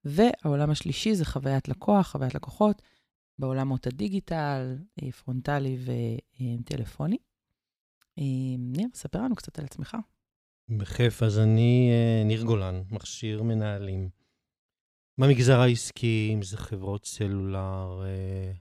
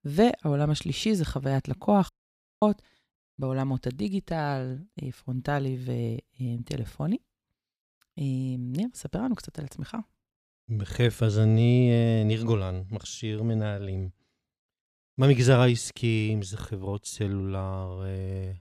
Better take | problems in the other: first | audio cutting out; at 2 s for 0.5 s

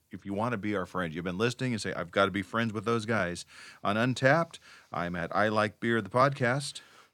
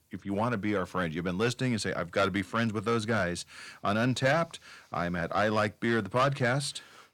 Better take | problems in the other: first | distortion; slight; 10 dB below the speech

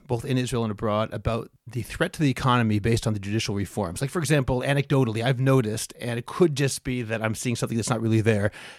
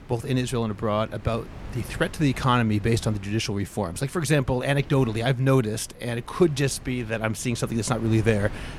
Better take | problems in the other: first | wind noise on the microphone; occasional gusts; 20 dB below the speech

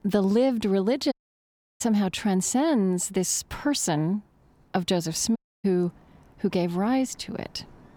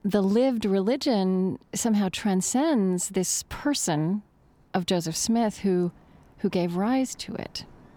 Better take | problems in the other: second | audio cutting out; at 1 s for 0.5 s and at 5.5 s

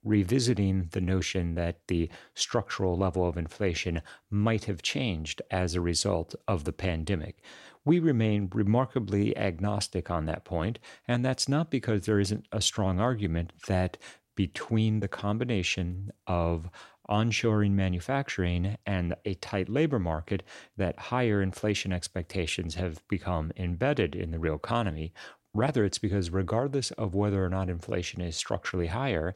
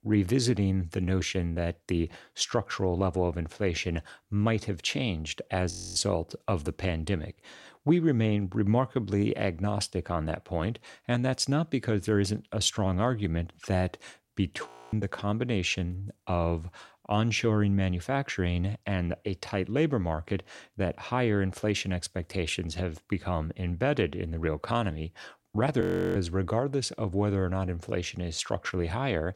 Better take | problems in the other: first | audio freezing; at 5.5 s, at 15 s and at 26 s

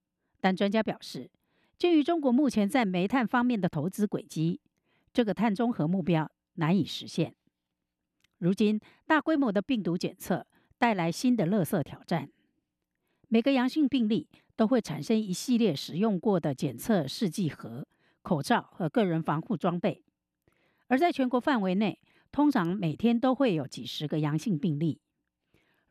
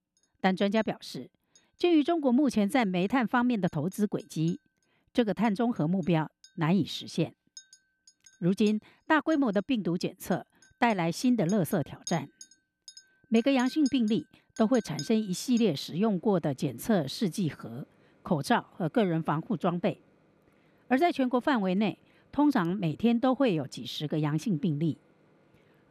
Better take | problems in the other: first | household noises; faint; throughout; 25 dB below the speech

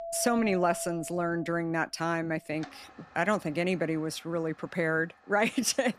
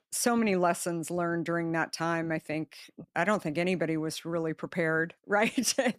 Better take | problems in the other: second | household noises; noticeable; throughout; 15 dB below the speech

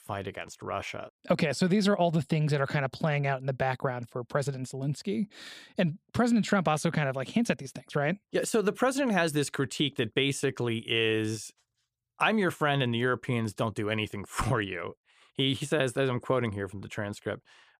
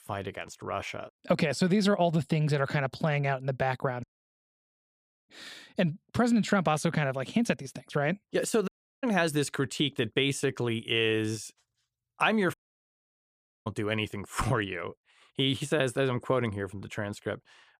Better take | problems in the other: first | audio cutting out; at 4 s for 1.5 s, at 8.5 s and at 13 s for 1 s

